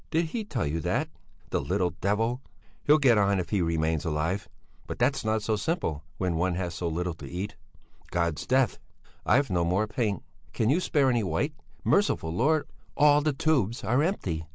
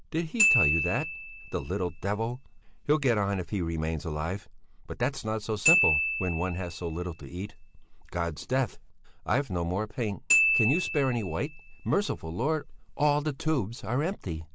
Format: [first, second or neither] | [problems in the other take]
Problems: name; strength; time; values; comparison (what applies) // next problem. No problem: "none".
first | background sound (Glockenspiel); 2 dB below the speech